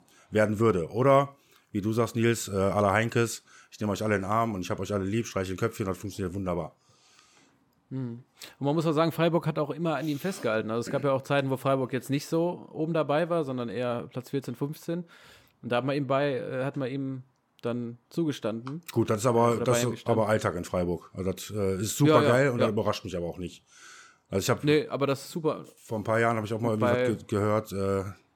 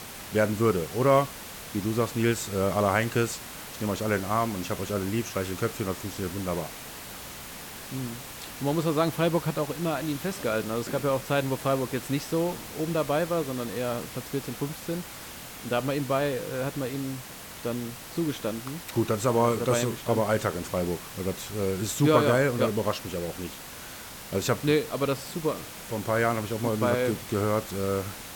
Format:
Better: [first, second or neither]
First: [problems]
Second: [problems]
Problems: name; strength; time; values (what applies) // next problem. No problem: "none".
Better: first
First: none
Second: hiss; noticeable; throughout; 10 dB below the speech